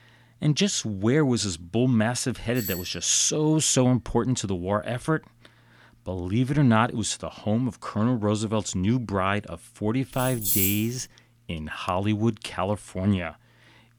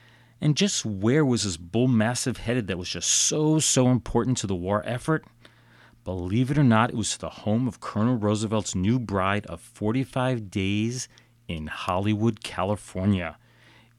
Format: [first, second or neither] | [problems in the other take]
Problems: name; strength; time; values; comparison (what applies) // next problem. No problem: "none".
second | doorbell; noticeable; at 2.5 s; peak 8 dB below the speech // jangling keys; loud; at 10 s; peak 3 dB above the speech